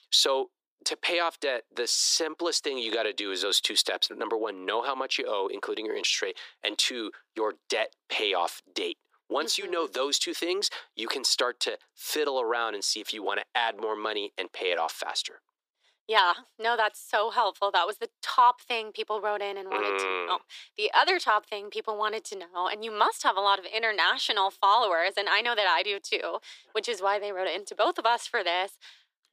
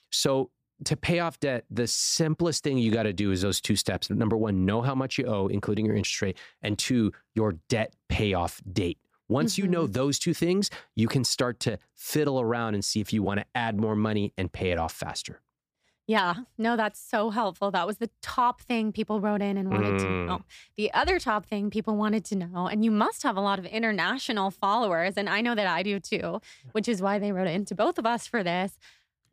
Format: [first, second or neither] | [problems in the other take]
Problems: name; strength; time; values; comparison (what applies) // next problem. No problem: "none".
second | thin; very; fading below 350 Hz